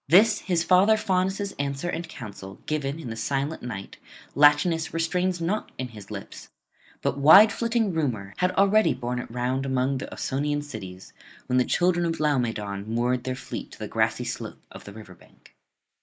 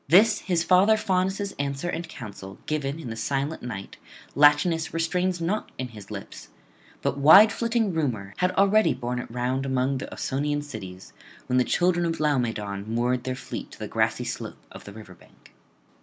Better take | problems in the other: second | noise reduction (neural mask model Resemble Enhance denoiser)

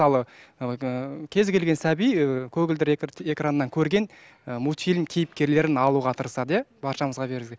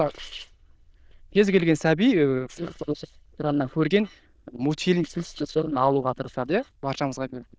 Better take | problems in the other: first | noise reduction (neural diffusion model UNIVERSE++)

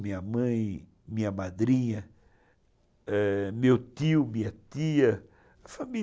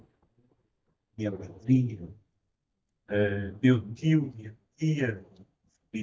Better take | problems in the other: first | noise reduction (neural mask model DeepFilterNet 3)

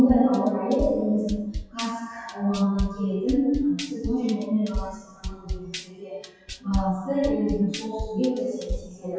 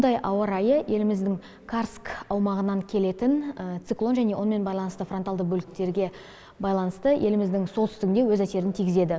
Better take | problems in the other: second | noise reduction (classical method WPE with log-MMSE)

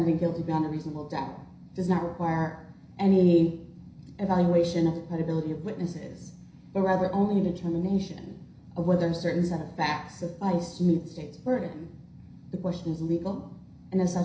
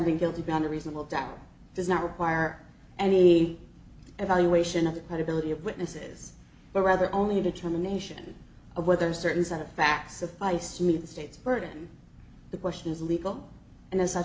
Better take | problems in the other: second | room echo; dies away in 0.5 s

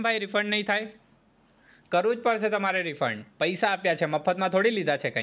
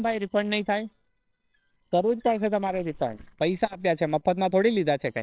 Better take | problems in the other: first | noise reduction (neural separator model SepFormer WHAMR!)

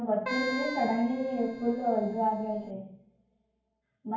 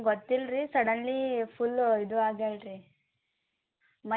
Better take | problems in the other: second | background sound (Keyboard (musical)); 9 dB below the speech // room echo; dies away in 0.9 s

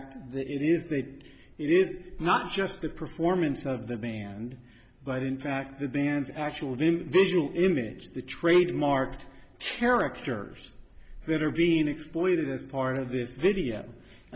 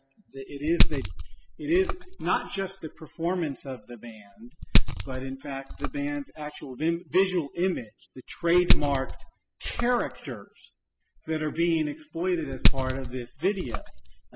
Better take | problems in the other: first | noise reduction (classical method spectral subtraction)

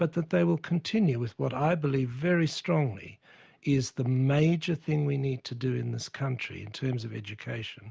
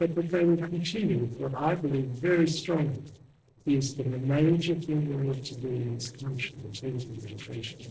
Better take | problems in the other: first | noise reduction (neural separator model SepFormer DNS4)

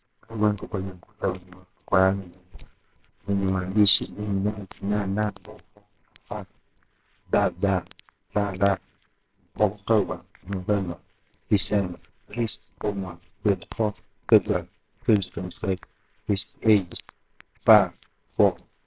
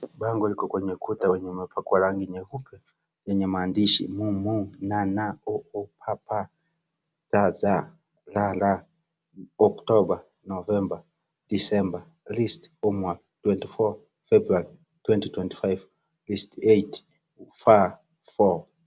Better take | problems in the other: second | noise reduction (neural separator model SepFormer WHAMR!)

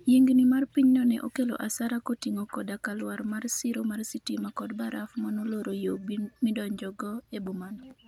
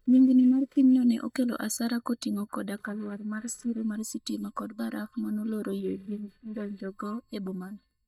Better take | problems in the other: first | noise reduction (neural mask model DeepFilterNet 3)

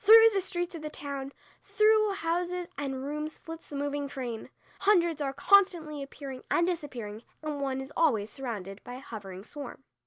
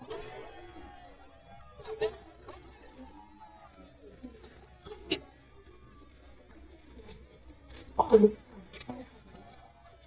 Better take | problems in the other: first | noise reduction (neural mask model DeepFilterNet 3)

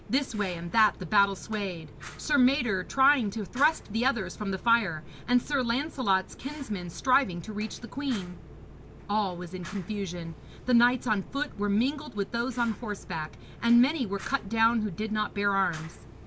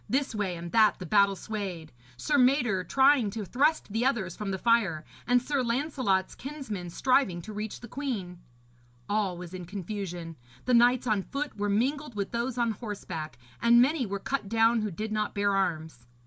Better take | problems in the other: second | background sound (Fire); 17 dB below the speech

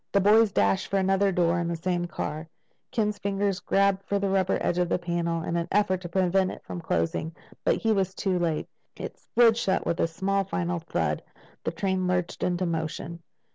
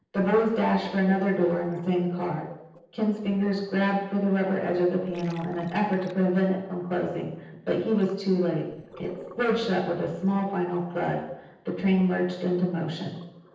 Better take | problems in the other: first | noise reduction (neural separator model SepFormer DNS4)

